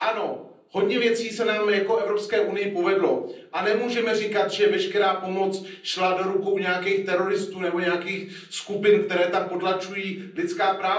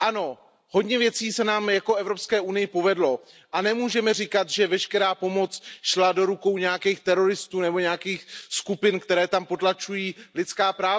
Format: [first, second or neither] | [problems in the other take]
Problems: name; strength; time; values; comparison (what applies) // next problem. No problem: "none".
second | room echo; dies away in 0.6 s